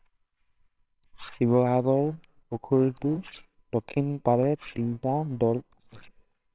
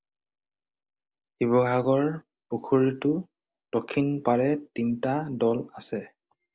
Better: second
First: noise reduction (neural separator model SepFormer WHAMR!)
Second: none

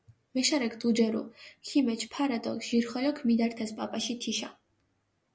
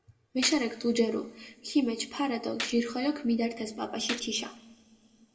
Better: first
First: none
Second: background sound (Gunshot, gunfire); 13 dB below the speech // room echo; dies away in 1.8 s

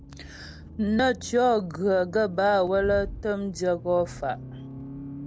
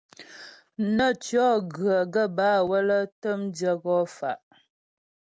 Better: second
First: background sound (Accelerating, revving, vroom); 14 dB below the speech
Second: none

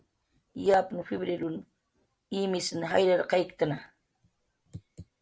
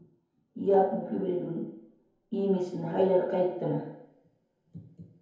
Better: first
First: none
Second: room echo; dies away in 0.9 s

